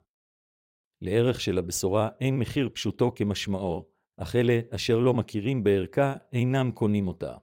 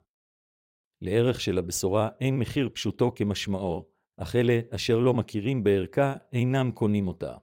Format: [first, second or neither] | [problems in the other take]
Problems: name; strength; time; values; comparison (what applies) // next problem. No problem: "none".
neither | none